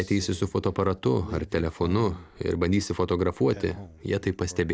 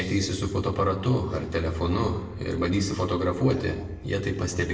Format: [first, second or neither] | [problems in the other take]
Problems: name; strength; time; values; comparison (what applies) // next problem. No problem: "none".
first | background sound (Piano); 20 dB below the speech // room echo; dies away in 0.7 s